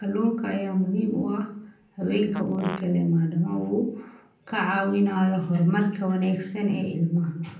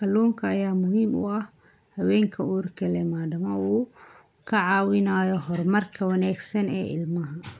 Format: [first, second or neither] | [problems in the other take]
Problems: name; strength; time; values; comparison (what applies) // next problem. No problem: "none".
second | background sound (Fart); 14 dB below the speech // room echo; dies away in 0.6 s